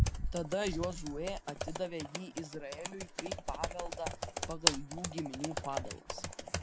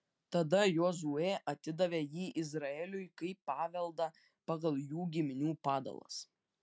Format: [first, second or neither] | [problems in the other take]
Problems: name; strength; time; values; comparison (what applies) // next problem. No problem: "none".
second | background sound (Computer keyboard); 3 dB above the speech